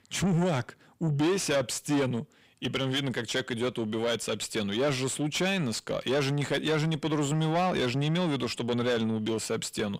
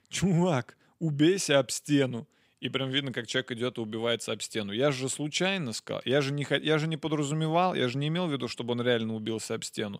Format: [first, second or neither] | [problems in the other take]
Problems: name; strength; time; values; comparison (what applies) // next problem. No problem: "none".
second | distortion; heavy; 8 dB below the speech